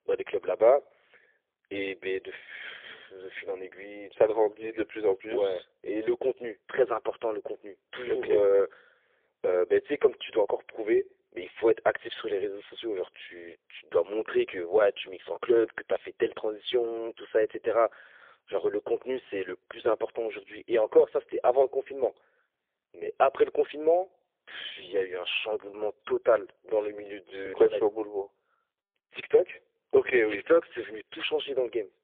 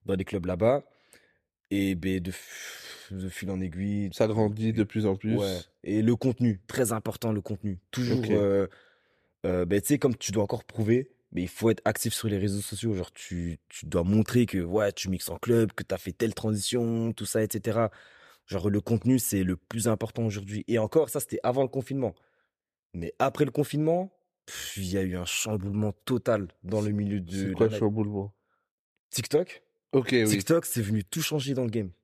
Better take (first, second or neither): second